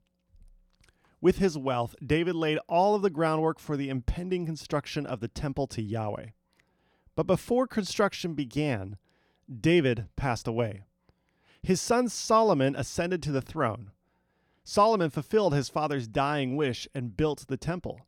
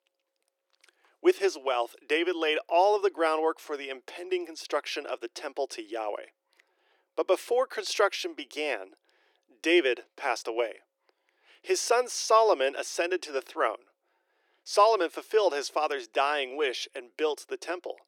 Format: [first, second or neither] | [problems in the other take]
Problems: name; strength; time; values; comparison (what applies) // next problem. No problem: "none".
first | thin; very; fading below 350 Hz